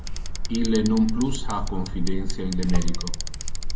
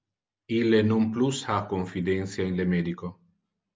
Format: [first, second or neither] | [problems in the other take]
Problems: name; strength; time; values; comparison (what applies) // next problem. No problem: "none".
second | background sound (Bicycle); 3 dB above the speech // room echo; dies away in 1.4 s